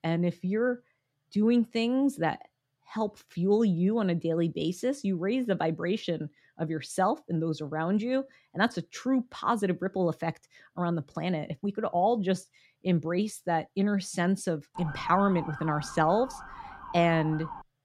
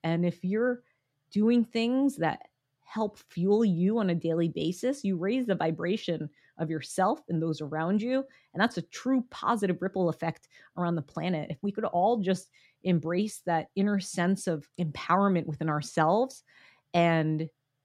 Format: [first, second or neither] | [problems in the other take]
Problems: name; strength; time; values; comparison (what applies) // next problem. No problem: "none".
second | siren; noticeable; from 15 s on; peak 9 dB below the speech